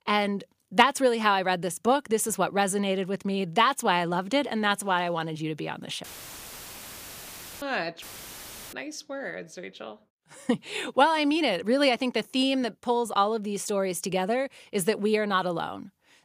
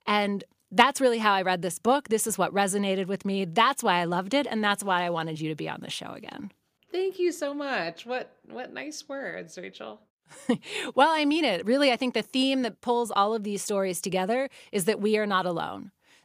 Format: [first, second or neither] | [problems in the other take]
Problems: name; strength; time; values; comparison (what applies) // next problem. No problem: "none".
second | audio cutting out; filled with static; at 6 s for 1.5 s and at 8 s for 0.5 s